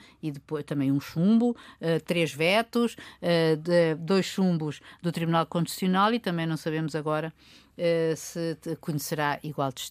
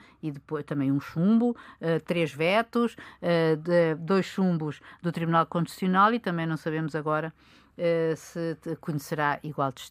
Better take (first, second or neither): first